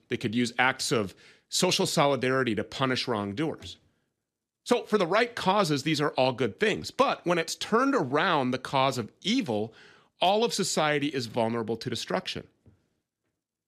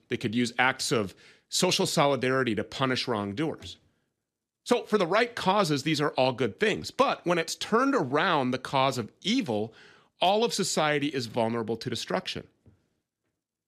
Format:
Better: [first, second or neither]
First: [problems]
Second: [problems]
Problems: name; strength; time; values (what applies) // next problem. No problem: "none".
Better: neither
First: none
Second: none